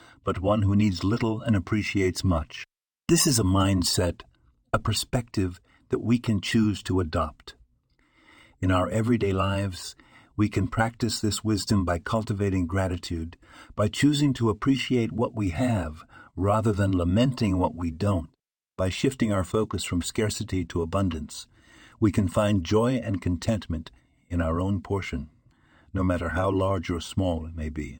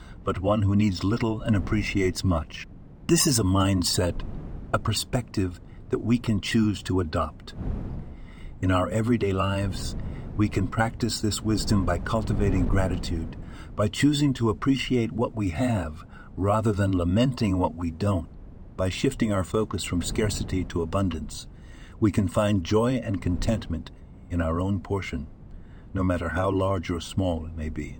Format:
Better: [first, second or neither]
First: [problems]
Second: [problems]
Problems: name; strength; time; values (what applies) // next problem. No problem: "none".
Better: first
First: none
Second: wind noise on the microphone; occasional gusts; 20 dB below the speech